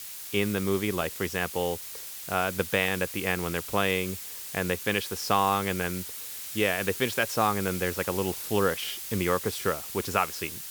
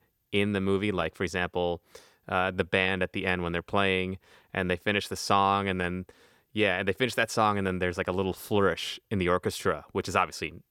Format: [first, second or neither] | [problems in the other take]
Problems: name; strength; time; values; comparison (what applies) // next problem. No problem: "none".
second | hiss; loud; throughout; 7 dB below the speech